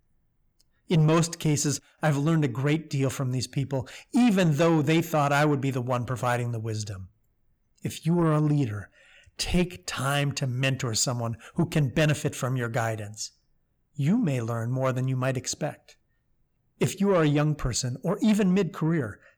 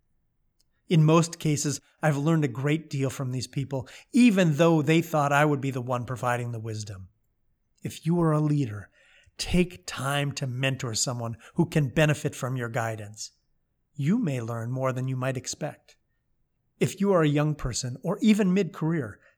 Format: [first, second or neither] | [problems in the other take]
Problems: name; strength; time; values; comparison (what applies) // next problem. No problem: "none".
second | distortion; slight; 10 dB below the speech